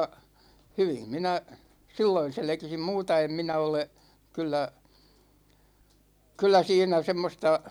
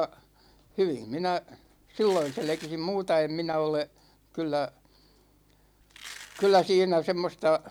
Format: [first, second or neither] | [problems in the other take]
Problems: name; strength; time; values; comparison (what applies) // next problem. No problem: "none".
first | background sound (Domestic sounds, home sounds); 18 dB below the speech